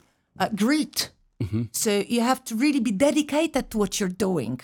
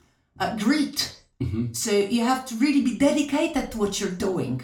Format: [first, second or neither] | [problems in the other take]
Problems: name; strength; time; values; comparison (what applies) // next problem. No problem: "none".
first | room echo; slight; dies away in 0.3 s // off-mic speech; far